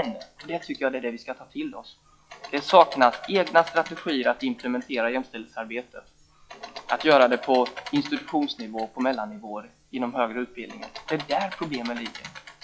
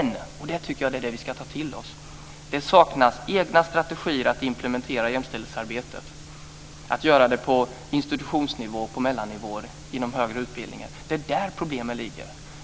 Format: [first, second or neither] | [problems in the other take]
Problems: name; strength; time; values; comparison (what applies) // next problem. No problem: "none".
second | noise reduction (classical method log-MMSE)